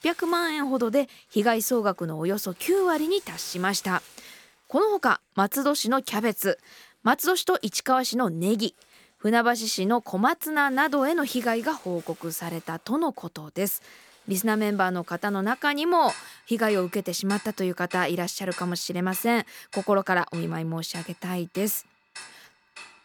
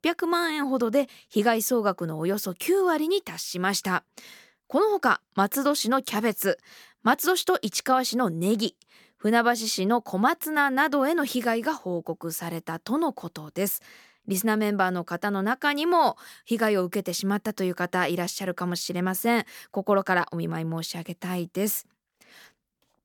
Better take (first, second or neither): second